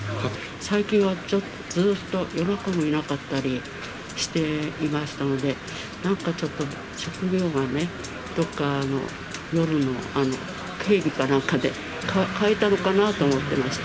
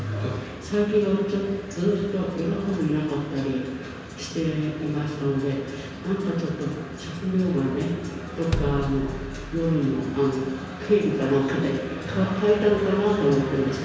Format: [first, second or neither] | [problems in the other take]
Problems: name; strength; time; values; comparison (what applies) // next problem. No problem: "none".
first | background sound (Bass drum); 7 dB below the speech // room echo; dies away in 1.2 s